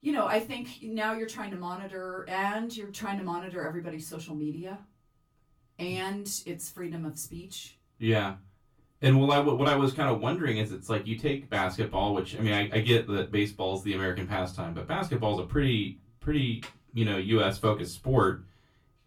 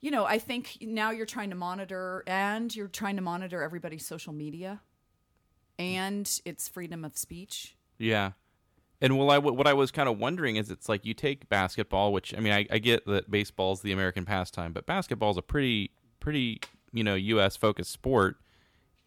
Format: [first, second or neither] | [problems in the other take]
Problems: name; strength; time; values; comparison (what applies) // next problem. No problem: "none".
second | off-mic speech; far // room echo; very slight; dies away in 0.2 s